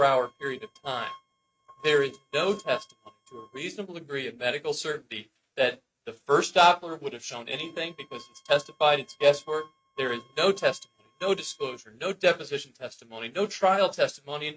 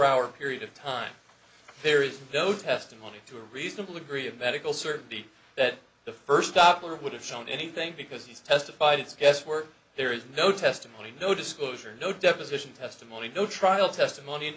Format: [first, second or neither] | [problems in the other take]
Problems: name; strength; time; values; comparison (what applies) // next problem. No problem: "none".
second | noise reduction (neural mask model RNNoise)